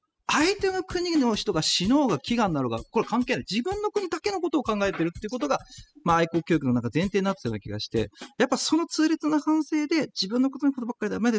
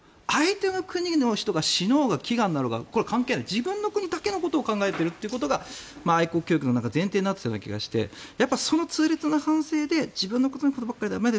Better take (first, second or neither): second